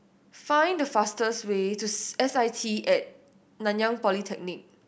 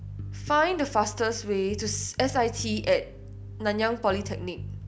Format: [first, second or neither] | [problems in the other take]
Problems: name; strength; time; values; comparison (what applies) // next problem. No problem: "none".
first | background sound (Bass guitar); 11 dB below the speech